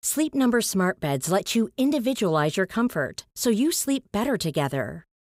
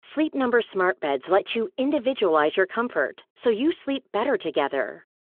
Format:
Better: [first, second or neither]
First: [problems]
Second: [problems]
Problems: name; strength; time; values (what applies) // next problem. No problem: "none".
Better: first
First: none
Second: phone-call audio